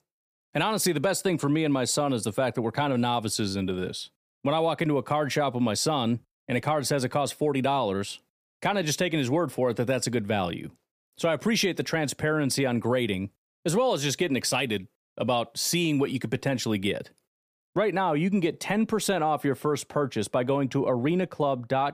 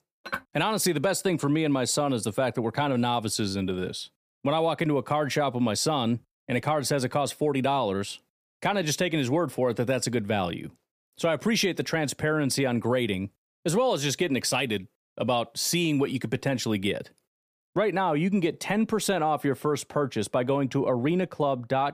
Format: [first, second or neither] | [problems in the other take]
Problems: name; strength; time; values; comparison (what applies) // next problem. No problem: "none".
first | clattering dishes; noticeable; at 0.5 s; peak 9 dB below the speech